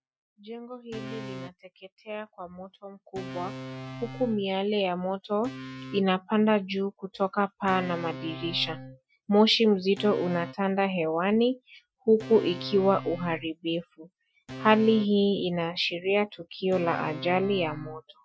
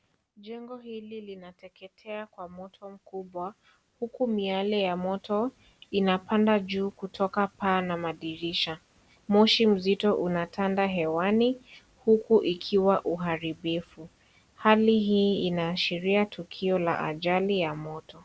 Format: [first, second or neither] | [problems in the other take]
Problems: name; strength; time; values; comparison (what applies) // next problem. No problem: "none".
second | noise reduction (classical method Wiener filter)